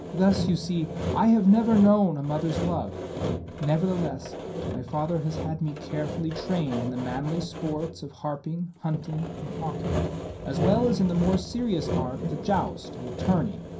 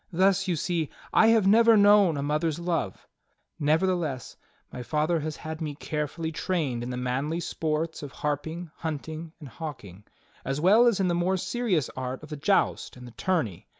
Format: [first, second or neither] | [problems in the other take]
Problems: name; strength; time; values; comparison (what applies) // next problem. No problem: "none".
second | background sound (Sawing); 6 dB below the speech // room echo; dies away in 0.3 s